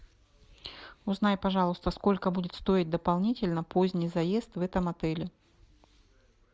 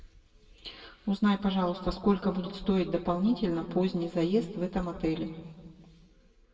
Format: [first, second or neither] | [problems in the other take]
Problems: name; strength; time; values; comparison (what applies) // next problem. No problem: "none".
first | room echo; dies away in 1.5 s